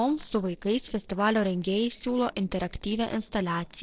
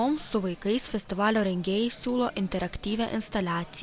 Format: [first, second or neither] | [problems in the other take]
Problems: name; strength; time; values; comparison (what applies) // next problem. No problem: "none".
second | noise reduction (neural separator model SepFormer DNS4)